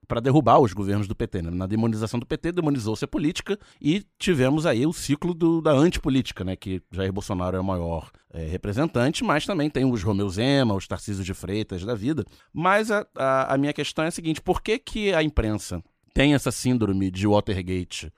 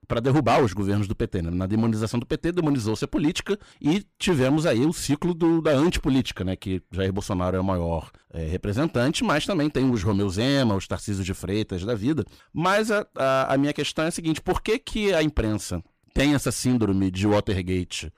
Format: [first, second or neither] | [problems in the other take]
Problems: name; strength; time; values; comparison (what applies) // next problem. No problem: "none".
first | distortion; slight; 6% of the sound clipped